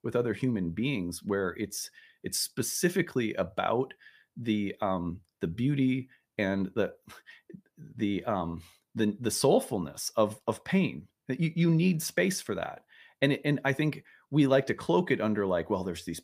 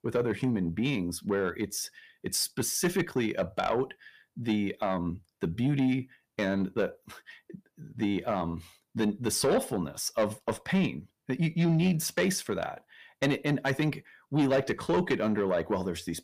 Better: first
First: none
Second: distortion; slight; 10 dB below the speech

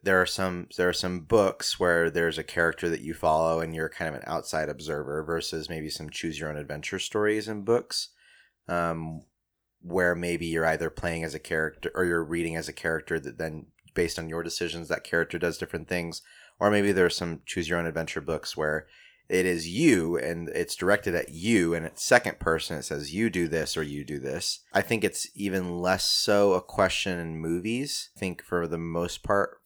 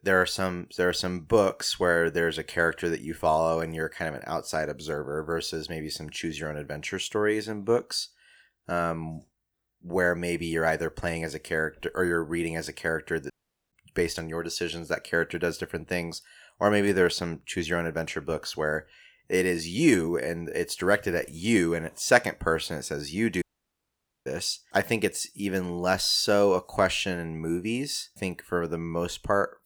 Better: first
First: none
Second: audio cutting out; at 13 s and at 23 s for 1 s

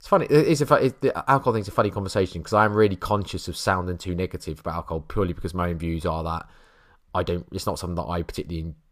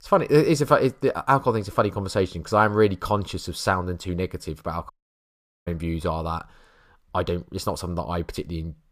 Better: first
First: none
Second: audio cutting out; at 5 s for 1 s

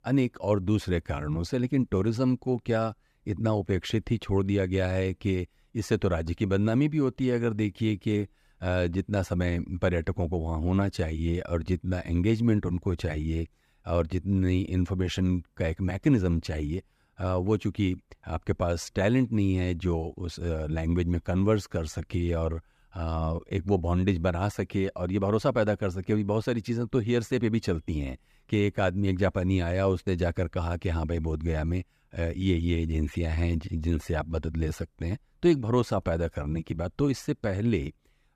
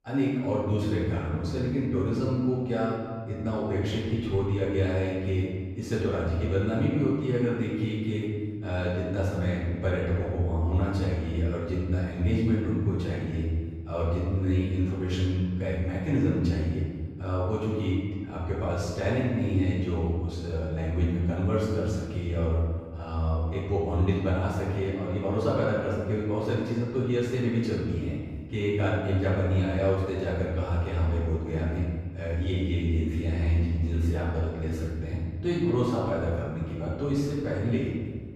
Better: first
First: none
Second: room echo; strong; dies away in 1.5 s // off-mic speech; far

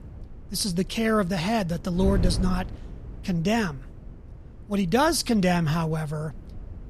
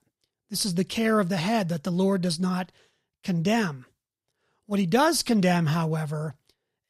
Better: second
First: wind noise on the microphone; occasional gusts; 20 dB below the speech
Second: none

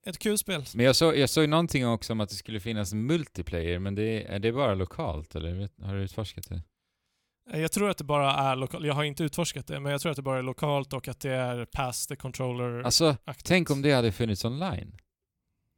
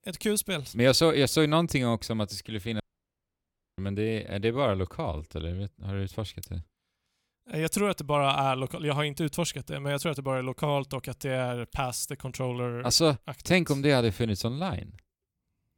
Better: first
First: none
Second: audio cutting out; at 3 s for 1 s

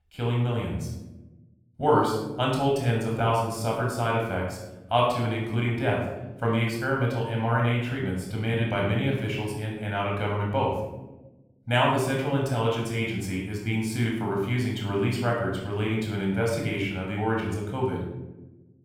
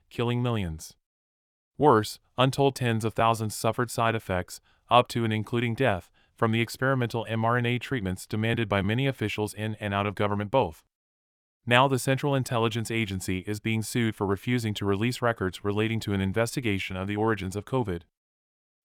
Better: second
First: room echo; noticeable; dies away in 0.8 s // off-mic speech; far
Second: none

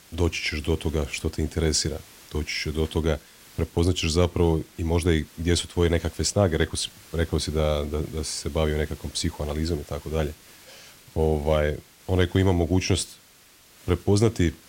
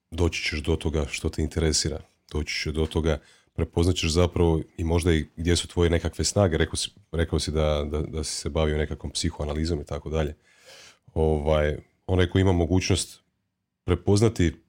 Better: second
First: hiss; faint; throughout; 25 dB below the speech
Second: none

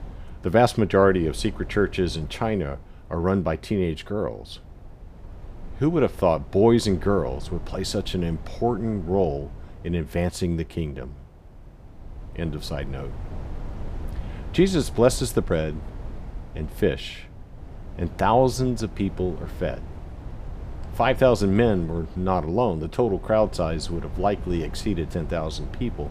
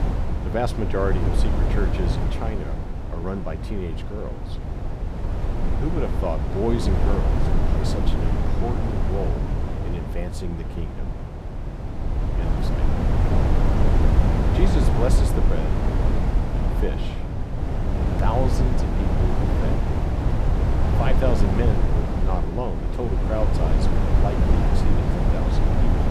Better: first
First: wind noise on the microphone; occasional gusts; 20 dB below the speech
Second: wind noise on the microphone; heavy; as loud as the speech

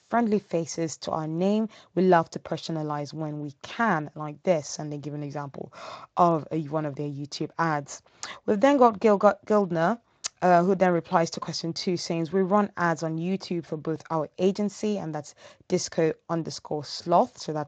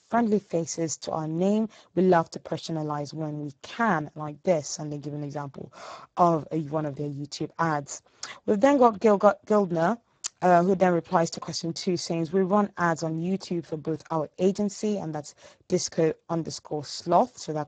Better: first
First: garbled, watery; slightly; nothing above 7.5 kHz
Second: garbled, watery; badly; nothing above 7.5 kHz

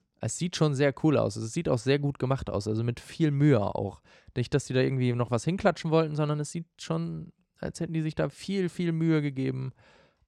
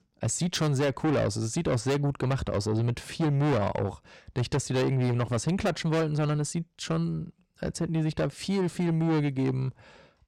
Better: first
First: none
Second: distortion; heavy; 7 dB below the speech

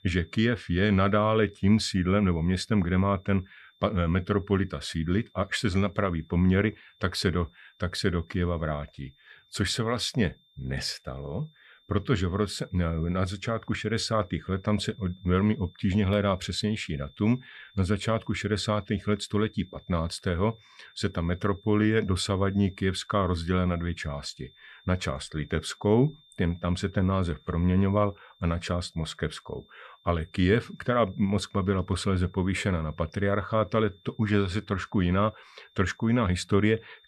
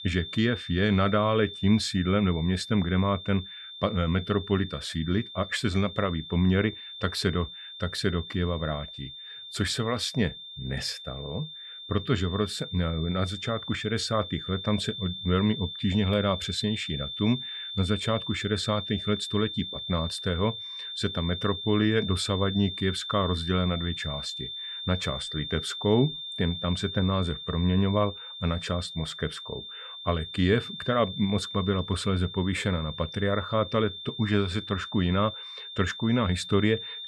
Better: first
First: high-pitched whine; faint; throughout; 3.5 kHz, 30 dB below the speech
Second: high-pitched whine; loud; throughout; 3.5 kHz, 8 dB below the speech

